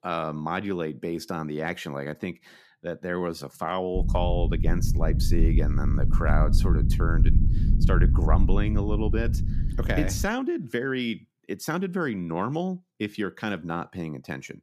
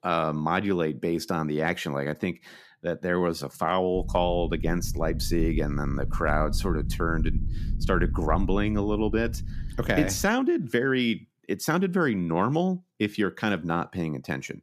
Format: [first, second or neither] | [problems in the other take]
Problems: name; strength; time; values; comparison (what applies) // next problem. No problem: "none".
second | low rumble; loud; from 4 to 10 s; 9 dB below the speech; faint in the second